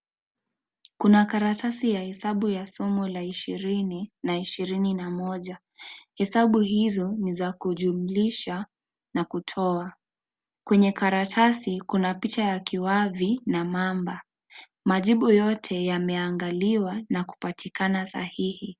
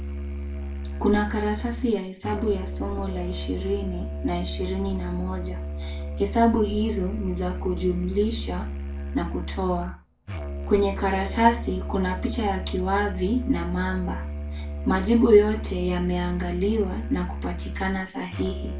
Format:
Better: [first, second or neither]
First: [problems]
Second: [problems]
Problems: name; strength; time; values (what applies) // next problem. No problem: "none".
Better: first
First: none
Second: background sound (Musical instrument); 5 dB below the speech // room echo; dies away in 0.3 s